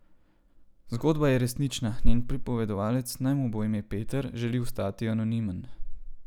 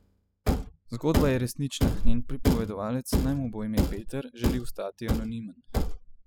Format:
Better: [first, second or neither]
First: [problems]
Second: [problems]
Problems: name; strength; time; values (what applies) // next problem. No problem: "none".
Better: first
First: none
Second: noise reduction (classical method spectral subtraction)